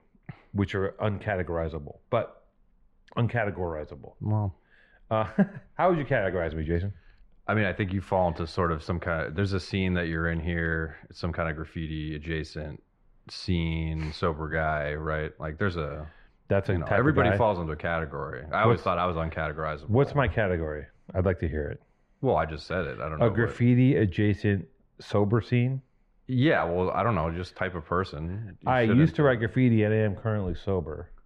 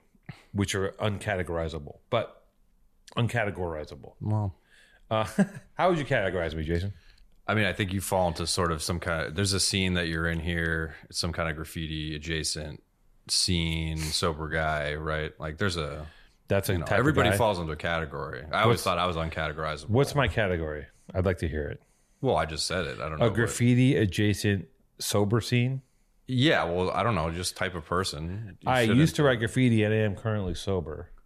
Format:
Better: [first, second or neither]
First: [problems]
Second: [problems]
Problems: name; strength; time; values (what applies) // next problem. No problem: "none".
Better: second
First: muffled; very; fading above 2 kHz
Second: none